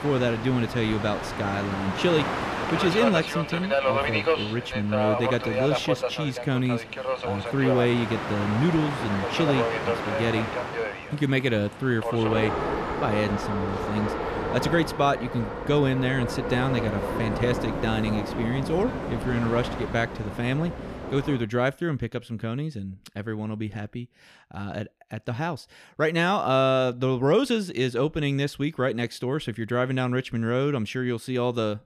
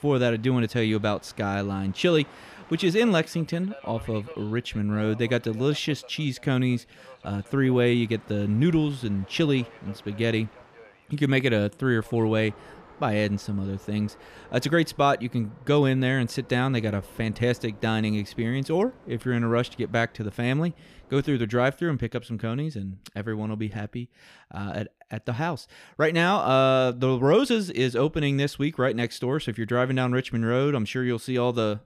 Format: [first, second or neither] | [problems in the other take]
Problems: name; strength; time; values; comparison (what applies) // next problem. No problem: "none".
second | train or aircraft noise; loud; until 21 s; 3 dB below the speech; faint in the second